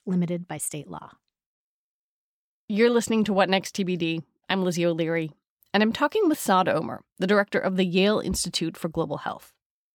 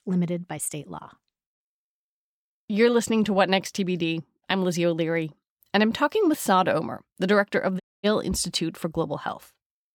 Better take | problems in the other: first | audio cutting out; at 8 s

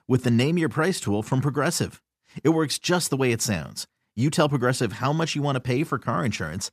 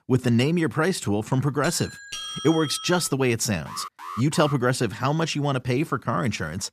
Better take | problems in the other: first | doorbell; noticeable; from 1.5 to 3 s; peak 7 dB below the speech // alarm; faint; at 3.5 s; peak 10 dB below the speech

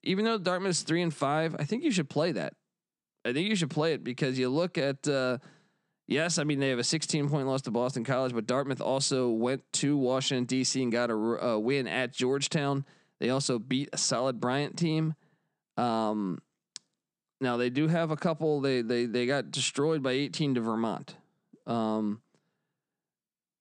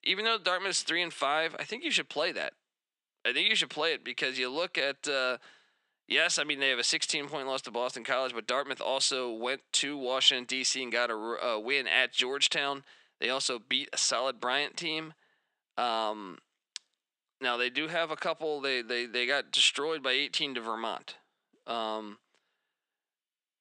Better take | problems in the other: first | thin; somewhat; fading below 500 Hz

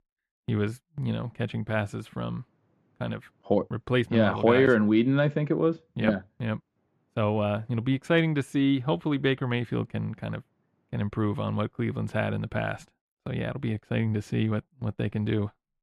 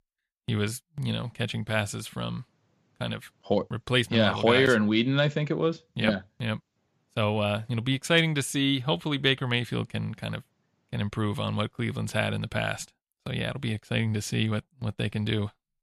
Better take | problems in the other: second | muffled; slightly; fading above 2.5 kHz

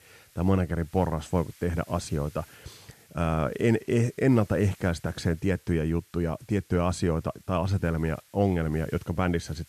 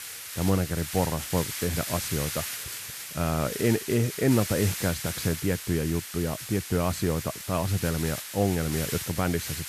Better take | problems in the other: first | hiss; loud; throughout; 6 dB below the speech; faint in the first

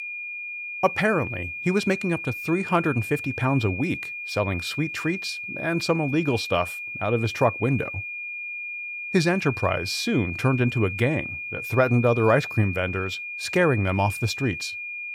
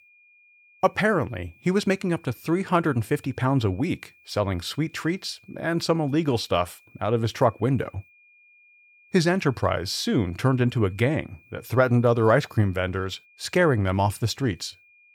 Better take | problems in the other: second | high-pitched whine; loud; throughout; 2.5 kHz, 6 dB below the speech; faint in the second

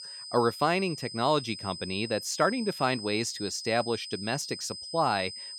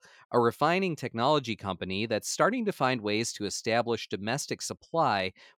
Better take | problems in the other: second | high-pitched whine; loud; throughout; 5 kHz, 9 dB below the speech

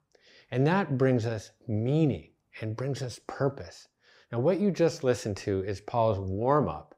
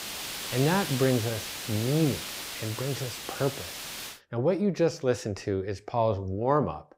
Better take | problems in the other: first | hiss; loud; until 4 s; 6 dB below the speech

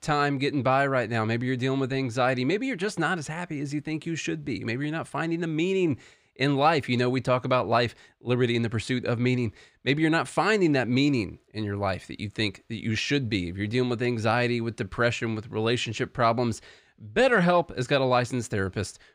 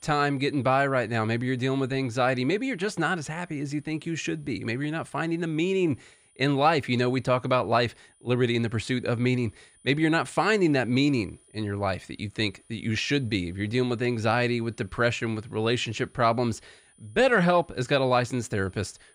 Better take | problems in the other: first | high-pitched whine; faint; throughout; 9.5 kHz, 30 dB below the speech

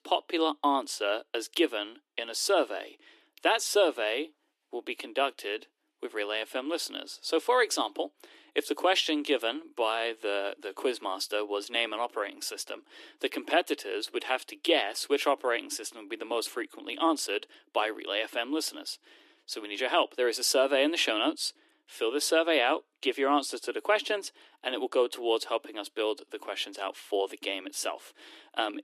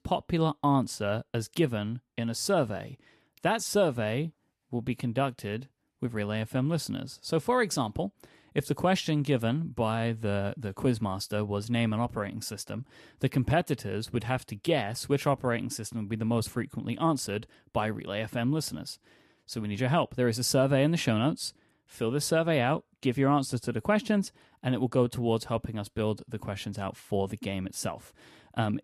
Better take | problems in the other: second | thin; somewhat; fading below 300 Hz

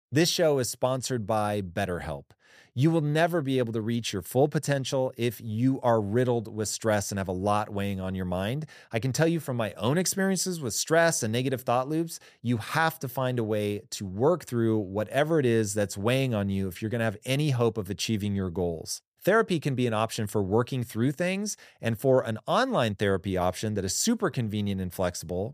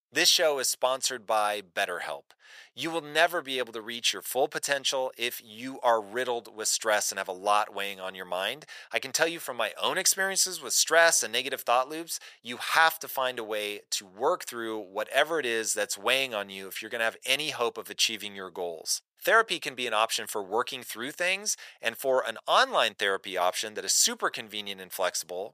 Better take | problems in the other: first | thin; very; fading below 750 Hz

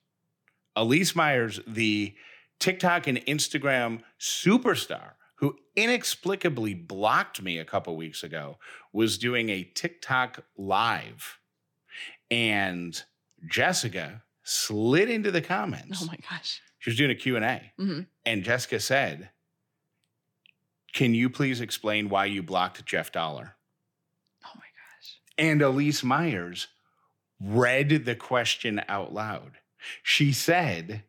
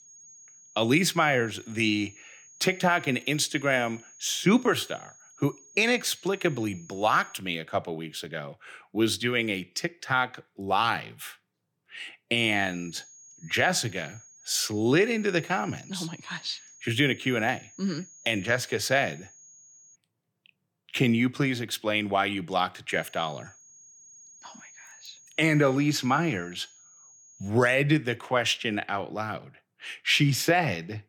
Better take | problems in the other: first | high-pitched whine; faint; until 7.5 s, from 12 to 20 s and from 23 to 27 s; 6.5 kHz, 25 dB below the speech

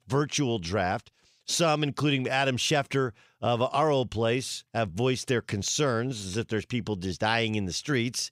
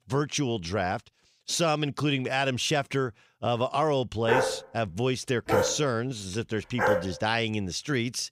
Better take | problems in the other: first | dog barking; loud; from 4.5 to 7 s; peak 2 dB above the speech

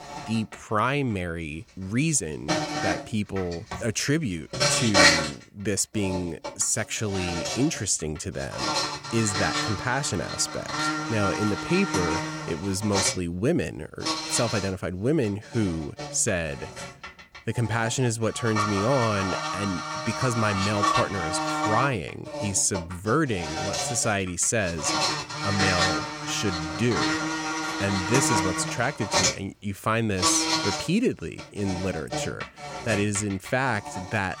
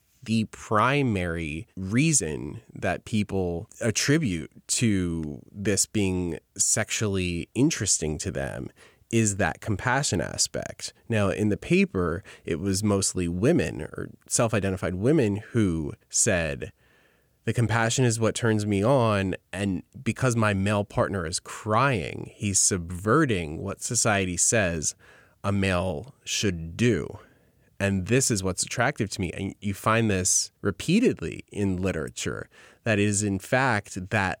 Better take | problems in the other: second | animal sounds; loud; throughout; as loud as the speech

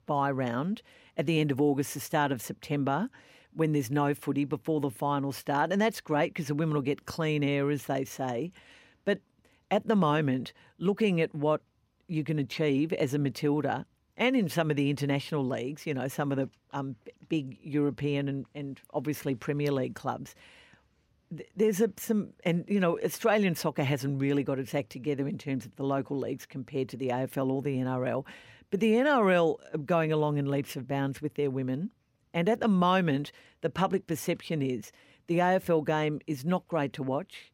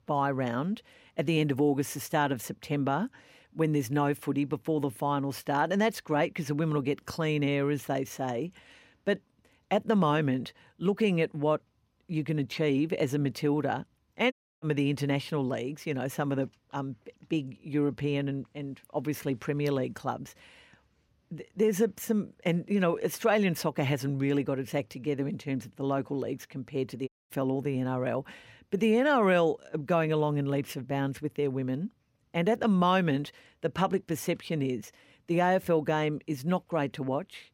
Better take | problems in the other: first | audio cutting out; at 14 s and at 27 s

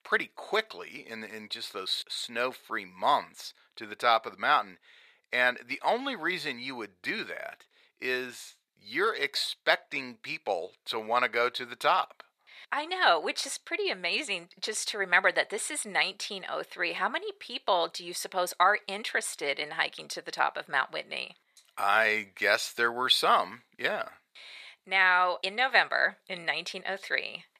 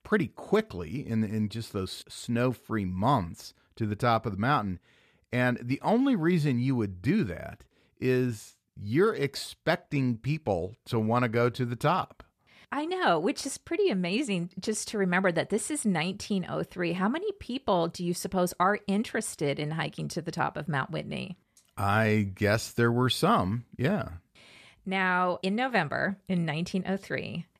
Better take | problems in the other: second | thin; very; fading below 650 Hz

